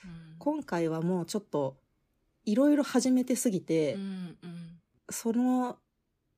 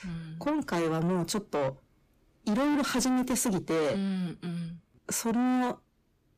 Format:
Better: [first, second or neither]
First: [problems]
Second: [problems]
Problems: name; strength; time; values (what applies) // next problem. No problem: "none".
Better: first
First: none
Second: distortion; heavy; 6 dB below the speech